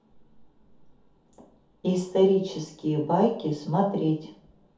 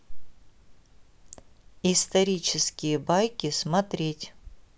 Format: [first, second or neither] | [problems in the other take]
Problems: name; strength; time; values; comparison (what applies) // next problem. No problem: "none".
second | room echo; dies away in 0.5 s